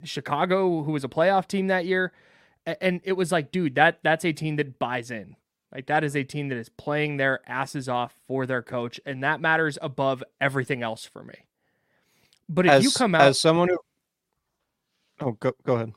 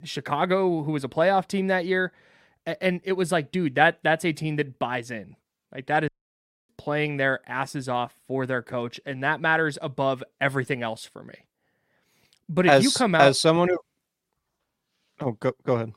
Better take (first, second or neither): first